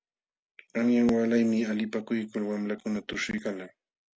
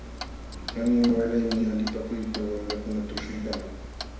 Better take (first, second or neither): first